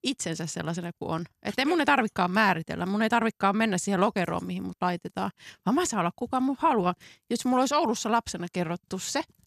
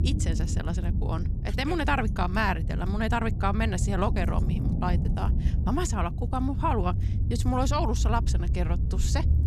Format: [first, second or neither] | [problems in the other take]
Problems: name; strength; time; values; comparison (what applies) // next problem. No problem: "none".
first | low rumble; noticeable; throughout; 10 dB below the speech